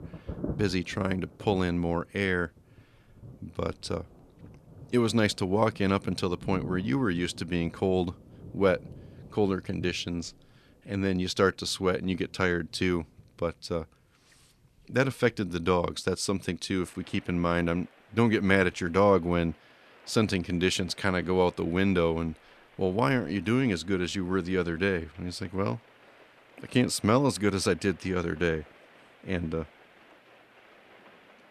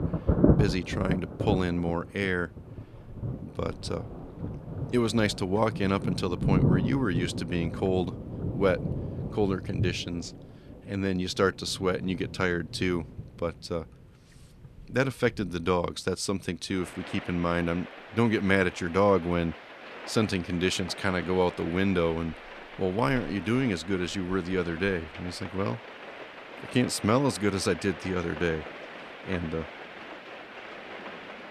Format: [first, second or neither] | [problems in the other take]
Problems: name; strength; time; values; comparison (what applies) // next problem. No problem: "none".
first | rain or running water; loud; throughout; 6 dB below the speech; faint in the first